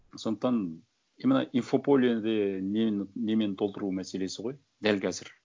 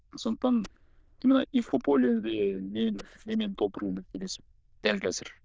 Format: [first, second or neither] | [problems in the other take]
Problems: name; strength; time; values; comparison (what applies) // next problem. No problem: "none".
first | noise reduction (neural diffusion model UNIVERSE++)